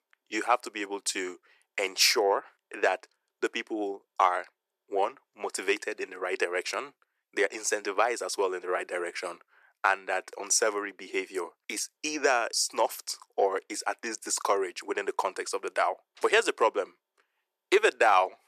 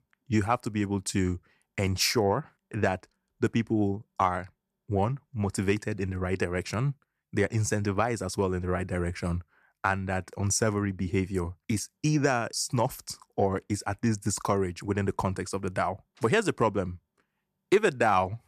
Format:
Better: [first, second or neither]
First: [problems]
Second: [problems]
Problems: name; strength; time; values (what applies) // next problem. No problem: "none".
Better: second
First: thin; very; fading below 400 Hz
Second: none